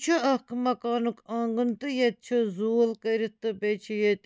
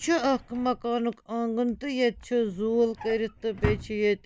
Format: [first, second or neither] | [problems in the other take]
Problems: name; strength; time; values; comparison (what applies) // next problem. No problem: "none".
first | background sound (Drawer open or close); 12 dB below the speech